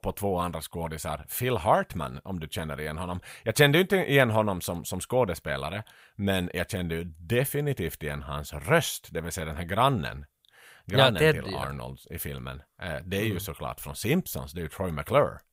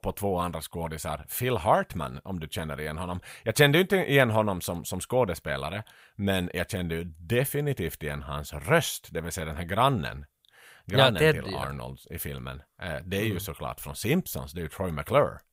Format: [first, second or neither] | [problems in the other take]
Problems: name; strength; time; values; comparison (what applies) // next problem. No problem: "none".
neither | none